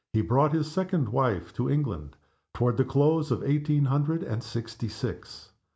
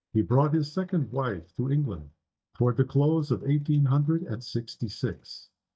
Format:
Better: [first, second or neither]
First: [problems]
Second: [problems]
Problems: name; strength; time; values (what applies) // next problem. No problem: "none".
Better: first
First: none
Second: noise reduction (neural mask model DeepFilterNet 3)